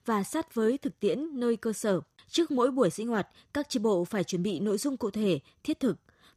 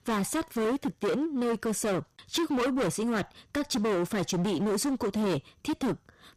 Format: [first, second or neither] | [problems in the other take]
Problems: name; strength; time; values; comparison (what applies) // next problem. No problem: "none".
first | distortion; heavy; 26% of the sound clipped